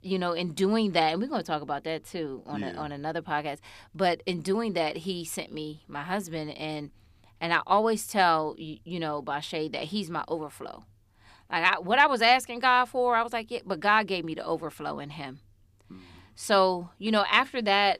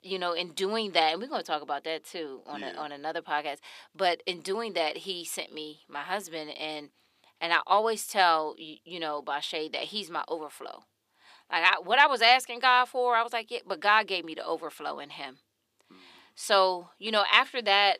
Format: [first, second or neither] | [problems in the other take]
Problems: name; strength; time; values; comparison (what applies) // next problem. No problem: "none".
first | thin; somewhat; fading below 400 Hz